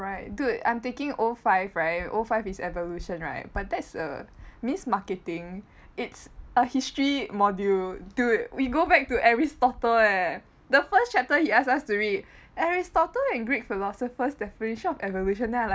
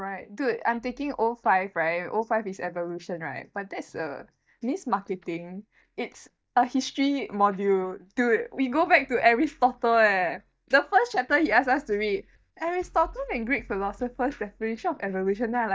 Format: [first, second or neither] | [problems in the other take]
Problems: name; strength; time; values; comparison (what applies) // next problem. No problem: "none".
first | noise reduction (neural mask model DeepFilterNet 3)